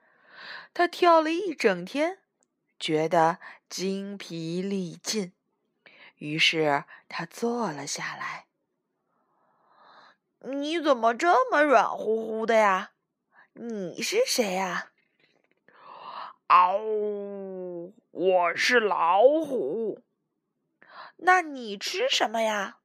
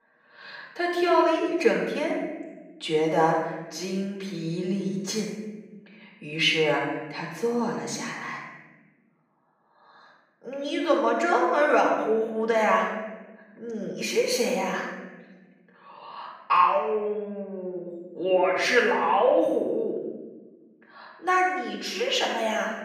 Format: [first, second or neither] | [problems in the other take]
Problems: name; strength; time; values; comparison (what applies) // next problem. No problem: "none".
first | off-mic speech; far // room echo; noticeable; dies away in 1.1 s